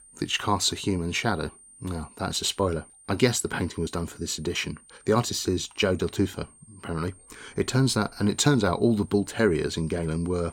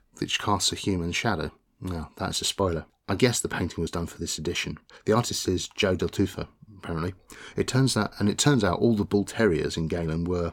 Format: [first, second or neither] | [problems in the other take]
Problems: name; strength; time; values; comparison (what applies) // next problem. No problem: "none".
second | high-pitched whine; faint; throughout; 9 kHz, 25 dB below the speech